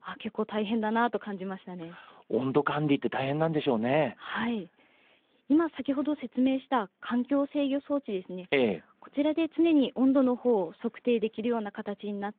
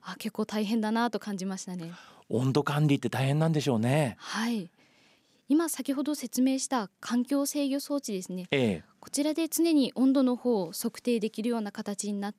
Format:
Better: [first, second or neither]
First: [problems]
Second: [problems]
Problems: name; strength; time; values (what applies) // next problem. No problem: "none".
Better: second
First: phone-call audio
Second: none